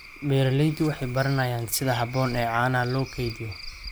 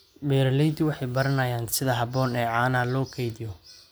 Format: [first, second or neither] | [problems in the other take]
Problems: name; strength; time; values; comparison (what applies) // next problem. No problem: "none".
second | background sound (Cricket / Frog); 15 dB below the speech